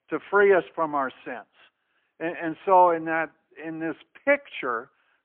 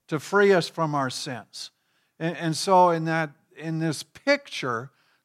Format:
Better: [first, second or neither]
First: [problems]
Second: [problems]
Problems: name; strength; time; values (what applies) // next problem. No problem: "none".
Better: second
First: phone-call audio; poor line; nothing above 3 kHz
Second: none